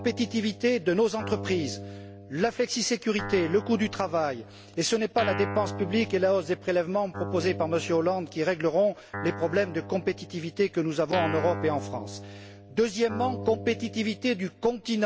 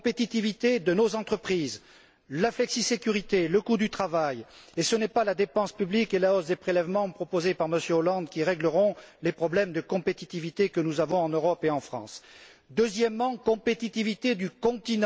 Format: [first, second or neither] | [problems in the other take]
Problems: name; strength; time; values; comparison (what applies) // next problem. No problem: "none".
second | background sound (Guitar); 11 dB below the speech